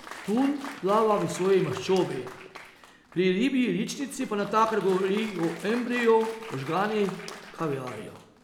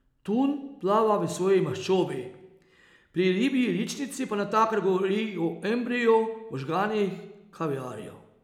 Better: second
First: background sound (Applause); 16 dB below the speech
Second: none

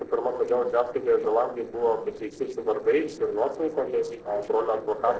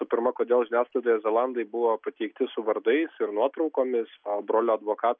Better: second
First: noise reduction (neural separator model SepFormer DNS4)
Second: none

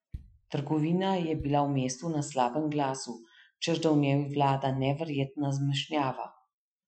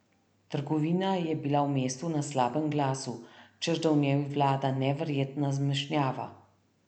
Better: second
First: noise reduction (classical method Wiener filter)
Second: none

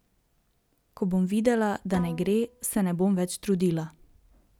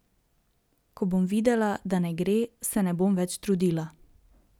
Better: second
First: background sound (Bowed string instrument); 18 dB below the speech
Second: none

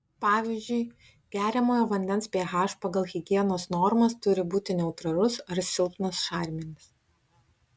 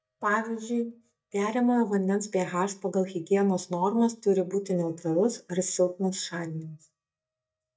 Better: first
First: none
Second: noise reduction (neural mask model DeepFilterNet 3)

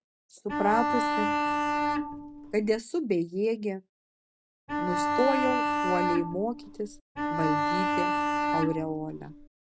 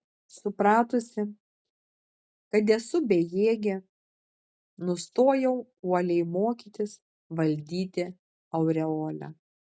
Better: second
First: background sound (Bowed string instrument); 3 dB above the speech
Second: none

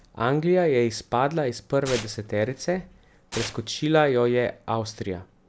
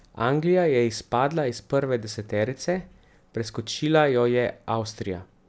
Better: second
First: background sound (Tearing); 15 dB below the speech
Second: none

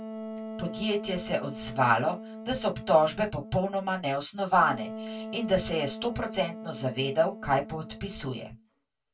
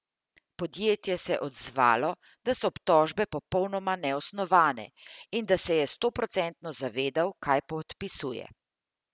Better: second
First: background sound (Wind instrument, woodwind instrument); 11 dB below the speech // room echo; dies away in 0.1 s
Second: none

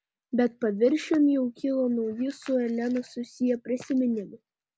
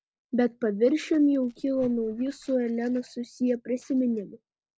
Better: first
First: none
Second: noise reduction (neural separator model SepFormer DNS4)

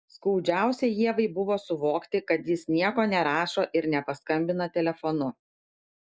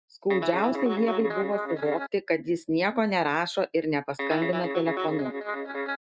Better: first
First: none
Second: noise reduction (neural mask model RNNoise)

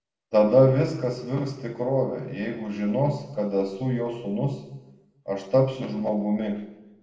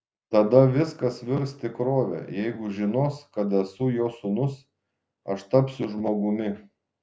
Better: second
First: room echo; dies away in 0.9 s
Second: none

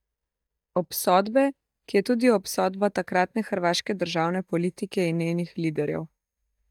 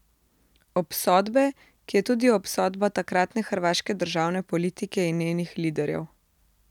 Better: second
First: noise reduction (neural mask model DeepFilterNet 3)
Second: none

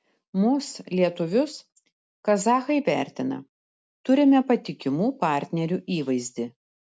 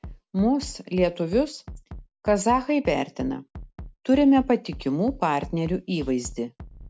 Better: first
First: none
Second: background sound (Bass drum); 17 dB below the speech

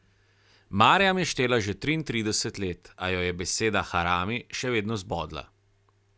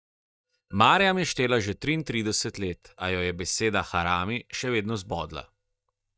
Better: first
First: none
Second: noise reduction (neural mask model DeepFilterNet 3)

